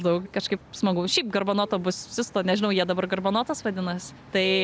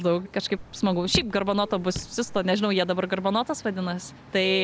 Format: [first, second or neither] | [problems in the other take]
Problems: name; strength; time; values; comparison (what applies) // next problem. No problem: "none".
first | background sound (Raindrop / Drip); 11 dB below the speech